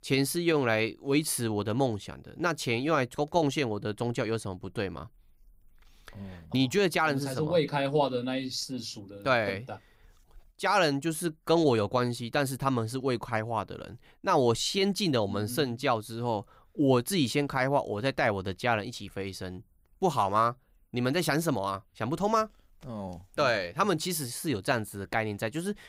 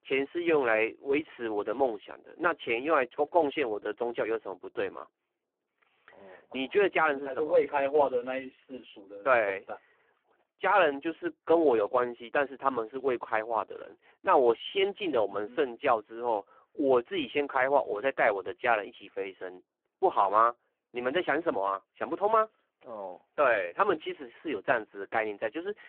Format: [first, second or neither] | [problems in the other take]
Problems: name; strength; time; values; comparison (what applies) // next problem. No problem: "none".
first | phone-call audio; poor line